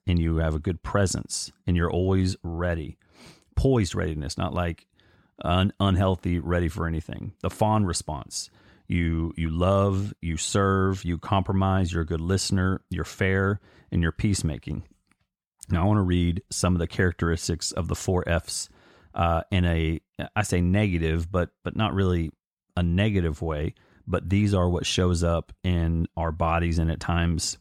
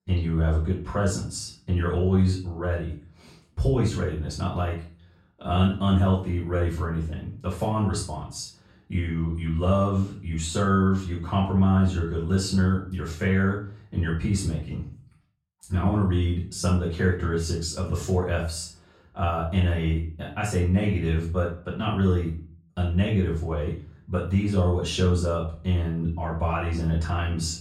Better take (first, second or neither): first